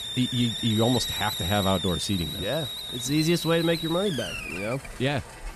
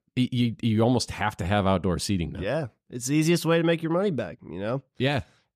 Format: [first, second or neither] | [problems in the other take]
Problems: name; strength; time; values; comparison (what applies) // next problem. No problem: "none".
second | hiss; loud; throughout; 4 dB below the speech